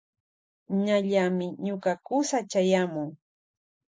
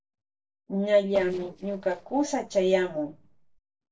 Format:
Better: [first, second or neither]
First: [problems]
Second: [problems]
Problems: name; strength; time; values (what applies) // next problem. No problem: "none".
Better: first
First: none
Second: noise reduction (neural separator model SepFormer DNS4)